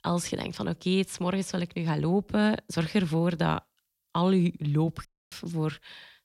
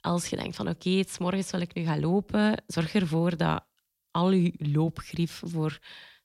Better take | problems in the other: second | audio cutting out; at 5 s

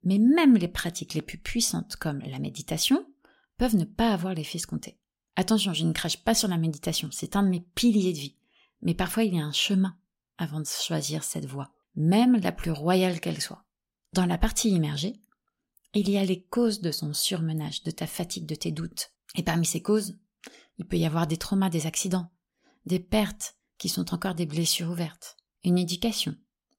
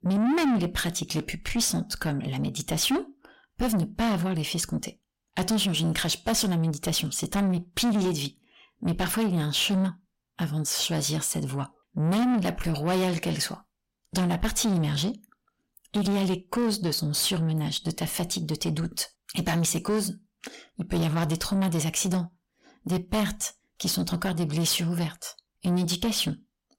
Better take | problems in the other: first | distortion; heavy; 7 dB below the speech

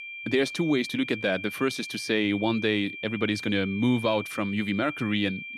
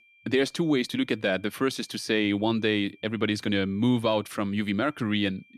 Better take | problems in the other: second | high-pitched whine; loud; throughout; 2.5 kHz, 9 dB below the speech; faint in the second

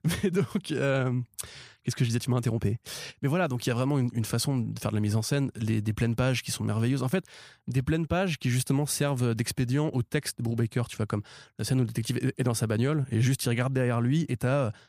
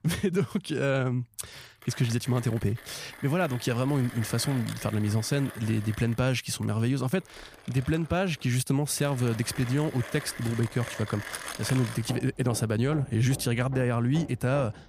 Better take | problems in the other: first | machinery noise; noticeable; throughout; 15 dB below the speech

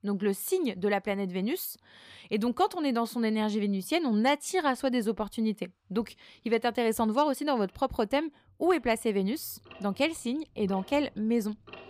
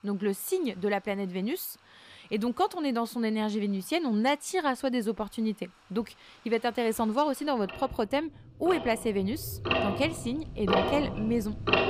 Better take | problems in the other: first | household noises; loud; throughout; 3 dB below the speech; faint in the first

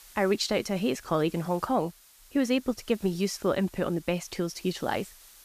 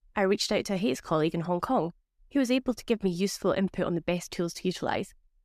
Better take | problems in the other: second | hiss; faint; throughout; 20 dB below the speech

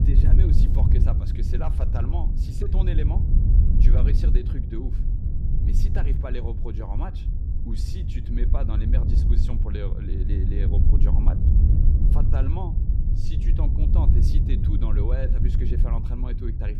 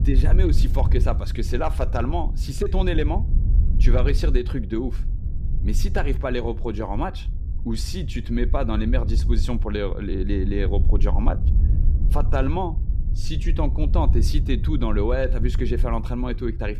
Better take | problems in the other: second | wind noise on the microphone; heavy; 1 dB below the speech; occasional gusts in the second

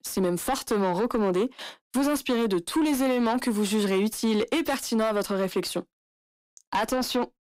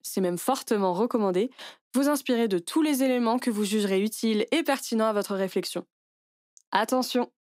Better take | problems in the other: second | distortion; slight; 10 dB below the speech

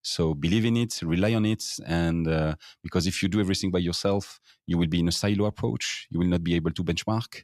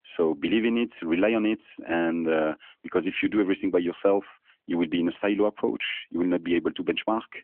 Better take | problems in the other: first | phone-call audio; nothing above 3 kHz

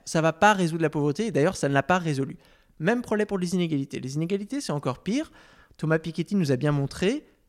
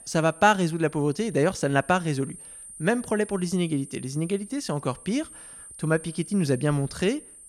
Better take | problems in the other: first | high-pitched whine; noticeable; throughout; 9 kHz, 15 dB below the speech

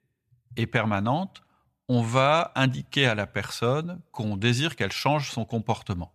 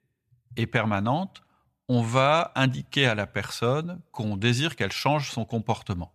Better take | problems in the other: neither | none

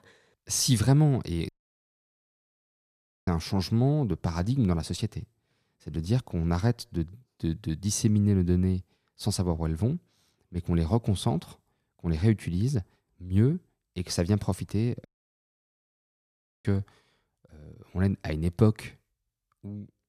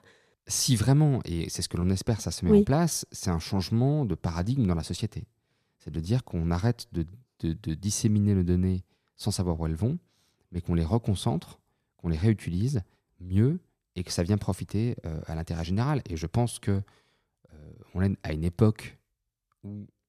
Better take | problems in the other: second | audio cutting out; at 1.5 s for 2 s and at 15 s for 1.5 s

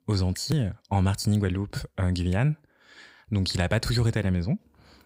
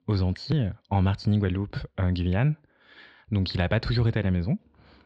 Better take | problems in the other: first | muffled; very slightly; fading above 3.5 kHz

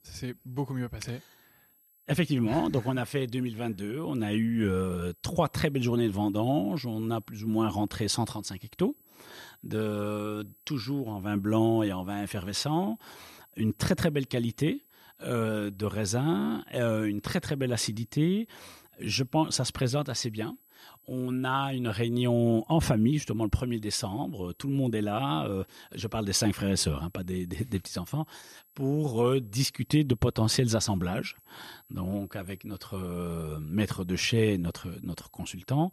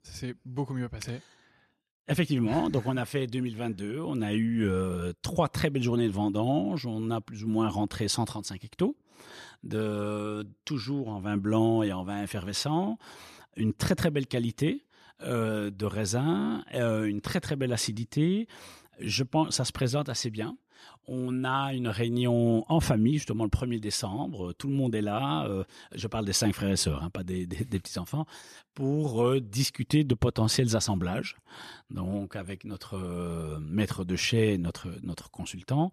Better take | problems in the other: second | high-pitched whine; faint; throughout; 11.5 kHz, 30 dB below the speech

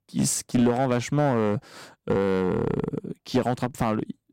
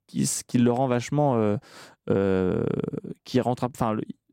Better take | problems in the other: second | distortion; slight; 5% of the sound clipped

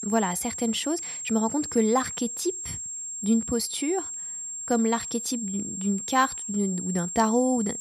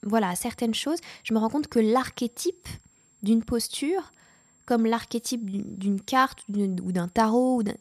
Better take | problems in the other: second | high-pitched whine; loud; throughout; 7.5 kHz, 5 dB below the speech; faint in the second

